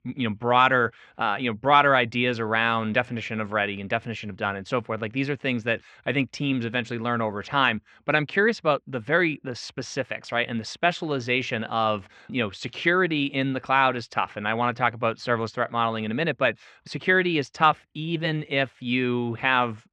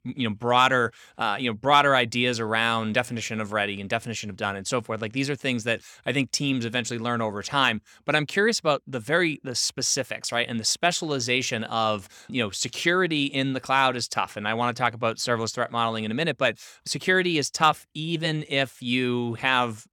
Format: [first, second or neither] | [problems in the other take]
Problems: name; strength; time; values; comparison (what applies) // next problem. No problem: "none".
second | muffled; slightly; fading above 2.5 kHz